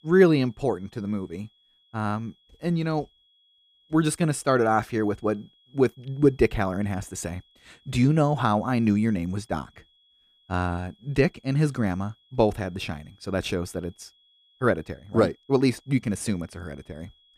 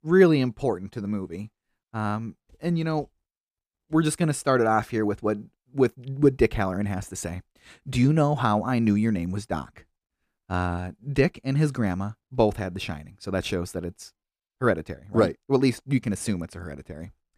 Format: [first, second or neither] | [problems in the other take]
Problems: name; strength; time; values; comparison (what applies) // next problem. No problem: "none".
second | high-pitched whine; faint; throughout; 3.5 kHz, 35 dB below the speech